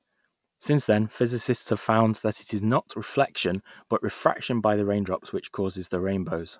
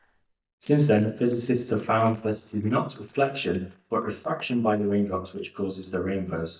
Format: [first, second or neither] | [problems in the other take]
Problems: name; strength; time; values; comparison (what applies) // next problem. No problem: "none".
first | noise reduction (neural mask model DeepFilterNet 3)